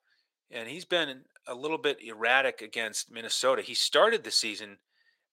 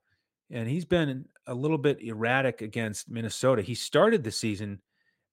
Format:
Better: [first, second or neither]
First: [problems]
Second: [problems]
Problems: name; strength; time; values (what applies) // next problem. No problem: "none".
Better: second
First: thin; very; fading below 600 Hz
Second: none